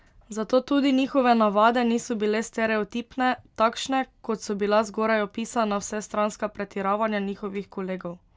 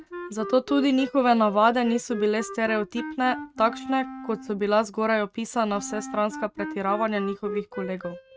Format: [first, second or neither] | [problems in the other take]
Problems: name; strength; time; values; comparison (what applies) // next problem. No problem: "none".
first | noise reduction (neural mask model RNNoise)